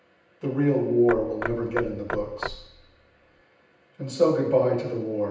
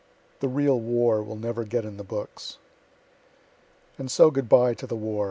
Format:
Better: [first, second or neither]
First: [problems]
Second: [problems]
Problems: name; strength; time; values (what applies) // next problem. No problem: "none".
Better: second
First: background sound (Knock / Wood); 10 dB below the speech // room echo; dies away in 0.9 s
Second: none